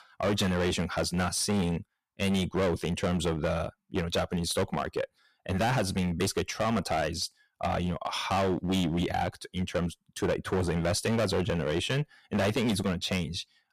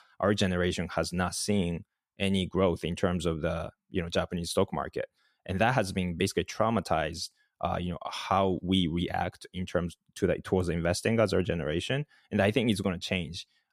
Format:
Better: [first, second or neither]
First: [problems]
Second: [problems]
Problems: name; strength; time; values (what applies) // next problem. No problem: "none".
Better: second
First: distortion; heavy; 15% of the sound clipped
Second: none